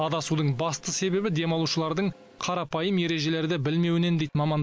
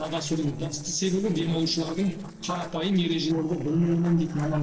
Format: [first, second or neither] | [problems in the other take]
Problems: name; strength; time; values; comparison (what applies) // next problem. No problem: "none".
first | noise reduction (neural separator model SepFormer DNS4)